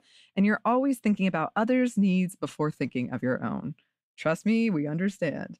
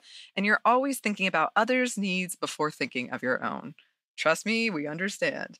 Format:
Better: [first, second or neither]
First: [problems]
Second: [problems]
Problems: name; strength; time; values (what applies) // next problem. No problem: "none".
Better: first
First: none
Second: thin; somewhat; fading below 1 kHz